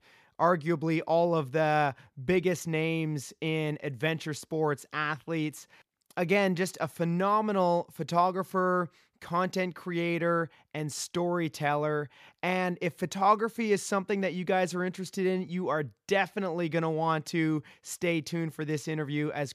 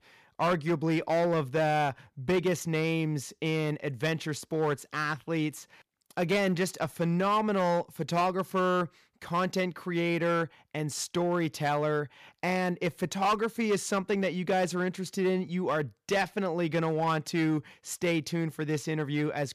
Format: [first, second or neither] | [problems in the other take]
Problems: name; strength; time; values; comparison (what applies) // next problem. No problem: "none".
first | distortion; slight; 6% of the sound clipped